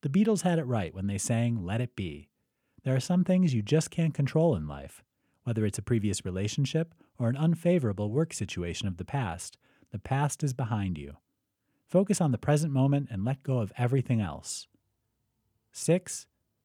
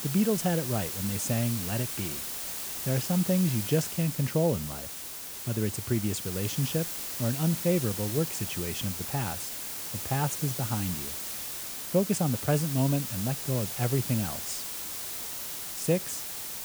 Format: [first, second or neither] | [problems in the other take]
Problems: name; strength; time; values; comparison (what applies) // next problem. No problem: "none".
first | hiss; loud; throughout; 3 dB below the speech